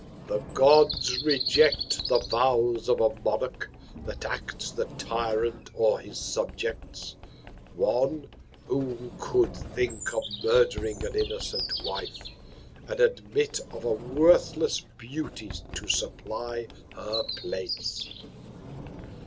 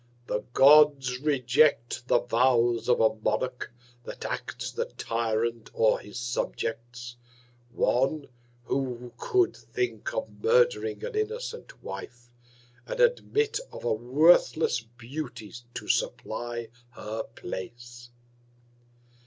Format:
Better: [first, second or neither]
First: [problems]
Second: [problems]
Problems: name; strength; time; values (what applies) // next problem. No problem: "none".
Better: second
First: background sound (Sliding door + Bird vocalization, bird call, bird song); 10 dB below the speech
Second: none